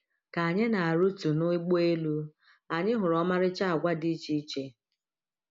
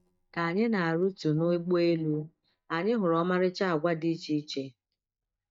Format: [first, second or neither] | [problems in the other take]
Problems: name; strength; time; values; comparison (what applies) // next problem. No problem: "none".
first | noise reduction (neural mask model DeepFilterNet 3)